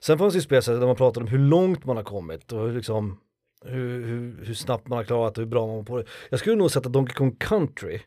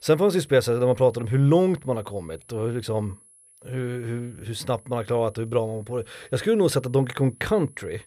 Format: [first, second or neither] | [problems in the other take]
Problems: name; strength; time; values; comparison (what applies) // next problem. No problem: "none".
first | high-pitched whine; faint; throughout; 10.5 kHz, 25 dB below the speech